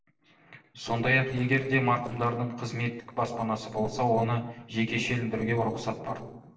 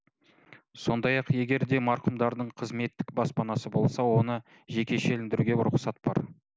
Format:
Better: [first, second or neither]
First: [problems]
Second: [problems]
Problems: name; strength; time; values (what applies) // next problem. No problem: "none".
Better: second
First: noise reduction (neural separator model SepFormer DNS4)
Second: none